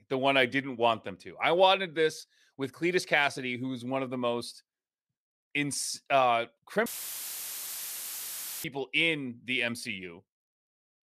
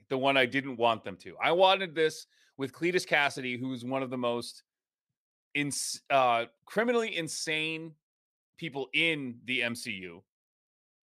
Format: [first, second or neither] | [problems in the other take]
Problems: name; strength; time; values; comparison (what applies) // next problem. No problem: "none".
second | audio cutting out; filled with static; at 7 s for 2 s